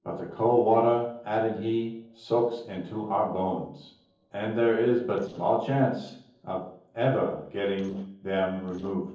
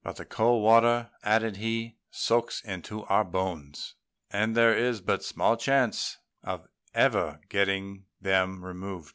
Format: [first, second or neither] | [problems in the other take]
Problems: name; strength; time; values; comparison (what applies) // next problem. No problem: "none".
second | noise reduction (neural separator model SepFormer DNS4)